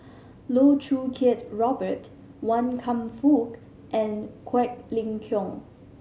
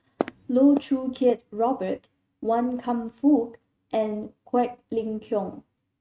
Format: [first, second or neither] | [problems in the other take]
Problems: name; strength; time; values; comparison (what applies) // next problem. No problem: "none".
first | noise reduction (neural mask model RNNoise)